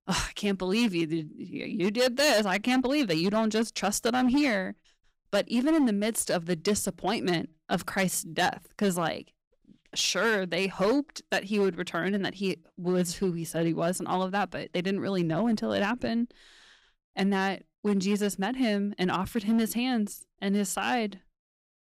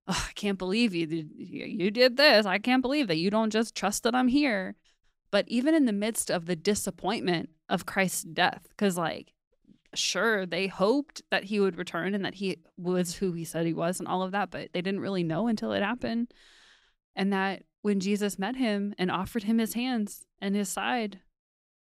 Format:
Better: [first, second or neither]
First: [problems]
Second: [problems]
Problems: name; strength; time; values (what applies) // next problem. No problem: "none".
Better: second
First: distortion; slight; 6% of the sound clipped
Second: none